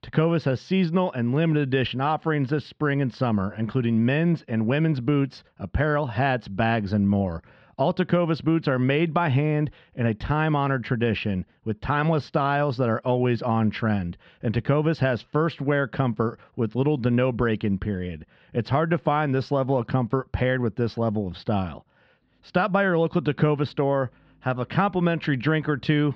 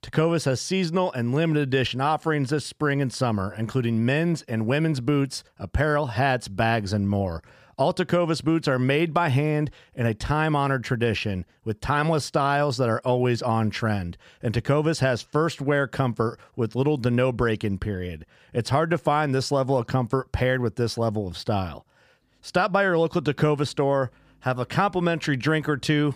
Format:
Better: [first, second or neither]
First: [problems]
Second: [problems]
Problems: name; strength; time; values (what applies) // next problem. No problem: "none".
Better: second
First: muffled; slightly; fading above 3.5 kHz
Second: none